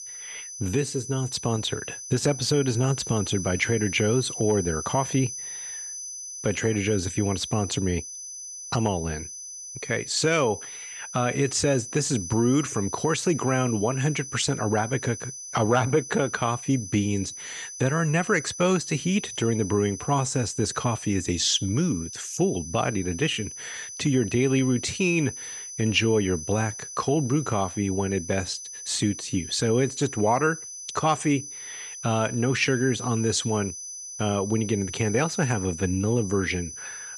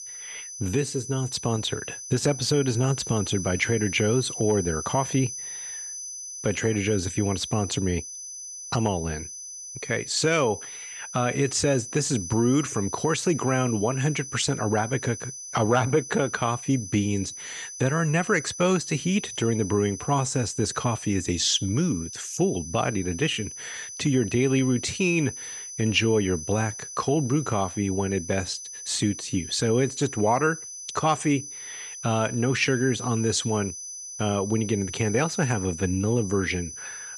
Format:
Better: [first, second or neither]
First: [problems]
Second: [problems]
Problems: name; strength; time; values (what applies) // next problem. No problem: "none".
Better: neither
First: high-pitched whine; loud; throughout; 6 kHz, 9 dB below the speech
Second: high-pitched whine; loud; throughout; 6 kHz, 9 dB below the speech